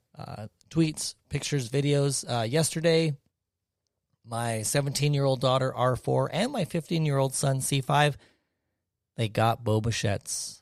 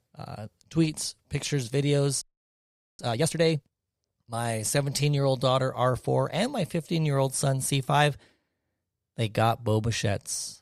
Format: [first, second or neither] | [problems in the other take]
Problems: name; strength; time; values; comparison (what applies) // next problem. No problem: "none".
first | audio freezing; at 2 s for 1 s